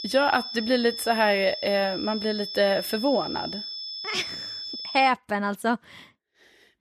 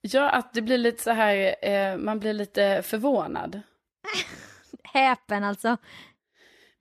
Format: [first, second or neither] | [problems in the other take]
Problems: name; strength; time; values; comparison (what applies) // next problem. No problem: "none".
second | high-pitched whine; loud; until 5 s; 5.5 kHz, 8 dB below the speech